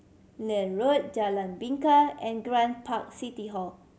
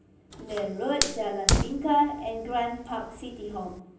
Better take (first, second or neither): first